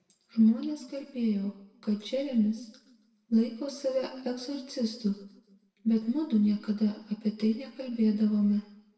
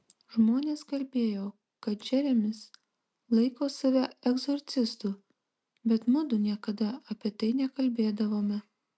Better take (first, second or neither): second